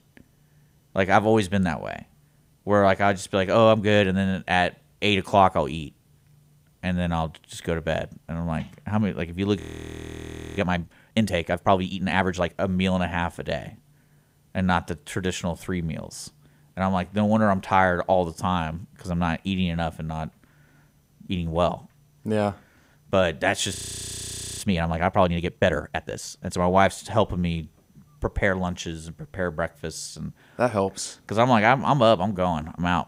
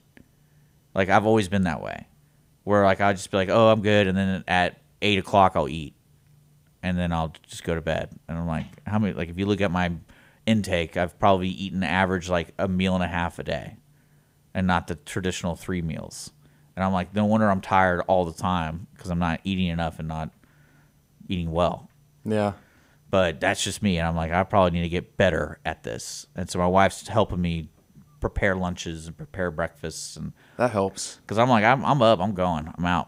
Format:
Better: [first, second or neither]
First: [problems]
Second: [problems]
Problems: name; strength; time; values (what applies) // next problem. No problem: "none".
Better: second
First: audio freezing; at 9.5 s for 1 s and at 24 s for 1 s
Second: none